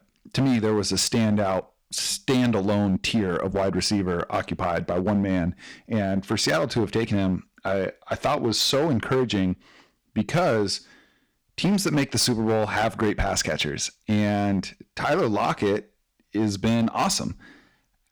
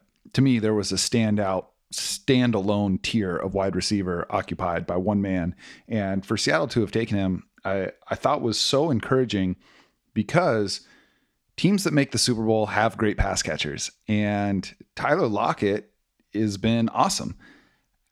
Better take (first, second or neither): second